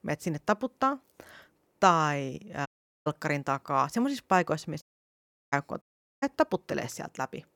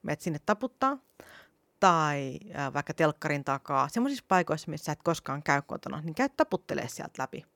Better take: second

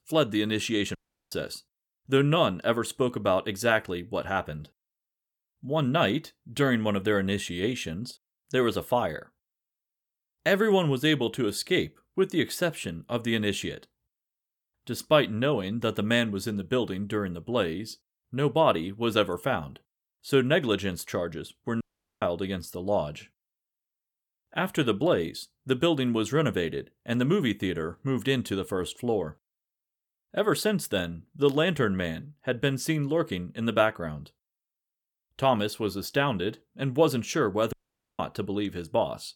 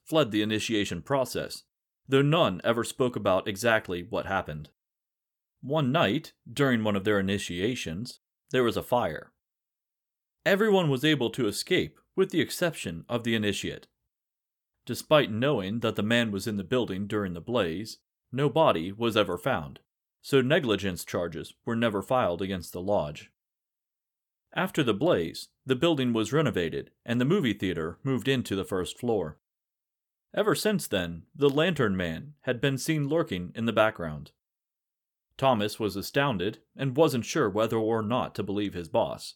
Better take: second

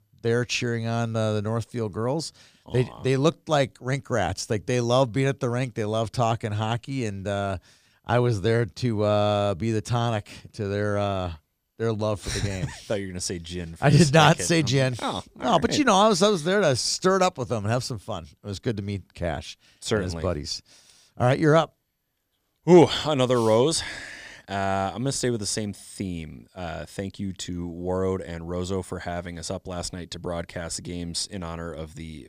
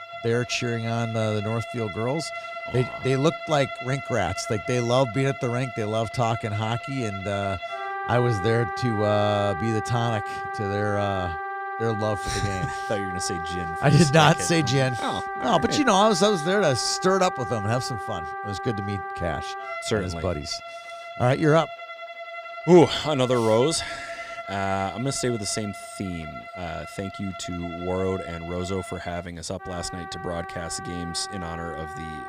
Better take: first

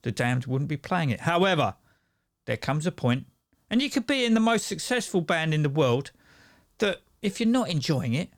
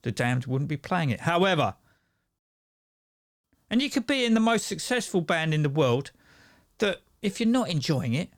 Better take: first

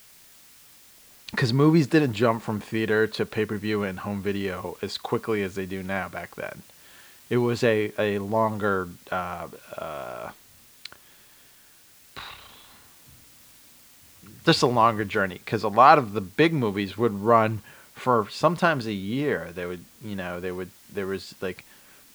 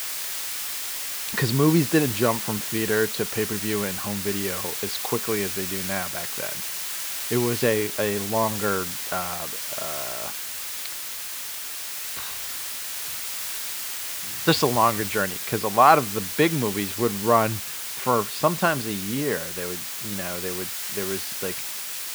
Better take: first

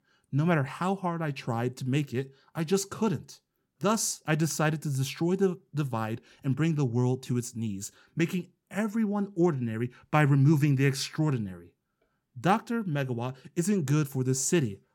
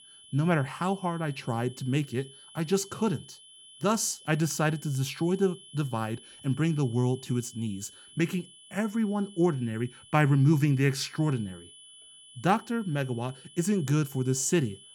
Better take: first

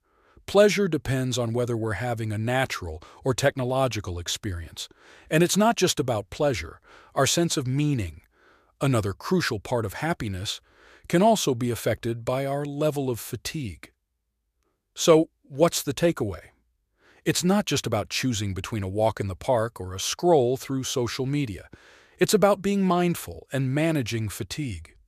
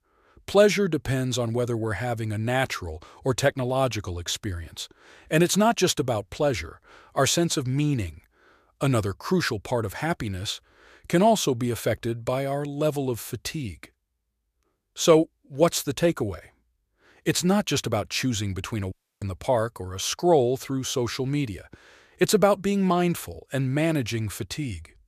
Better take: first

